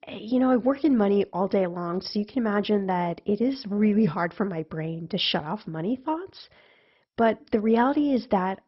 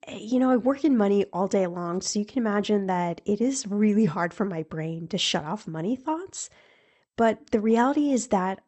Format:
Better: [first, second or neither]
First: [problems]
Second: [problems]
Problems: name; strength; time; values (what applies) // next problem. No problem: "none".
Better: second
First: garbled, watery; badly; nothing above 5.5 kHz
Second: garbled, watery; slightly; nothing above 8 kHz